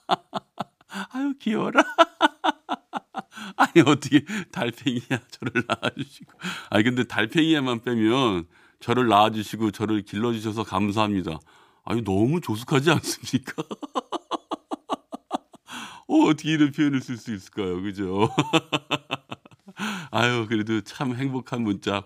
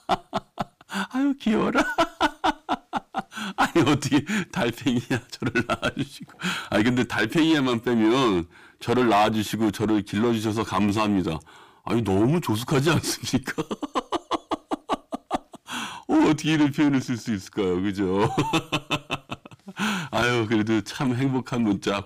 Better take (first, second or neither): first